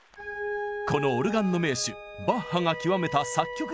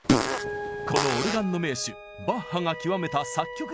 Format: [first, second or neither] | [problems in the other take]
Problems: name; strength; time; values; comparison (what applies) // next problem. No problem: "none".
first | background sound (Fart); 2 dB above the speech